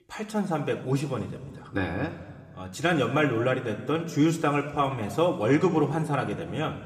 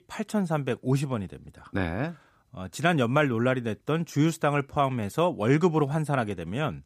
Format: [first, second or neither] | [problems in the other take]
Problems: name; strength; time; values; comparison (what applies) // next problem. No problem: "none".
second | room echo; slight; dies away in 1.7 s